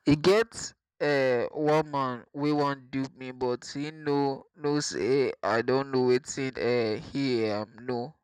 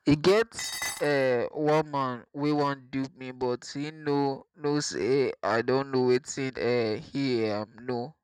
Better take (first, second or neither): first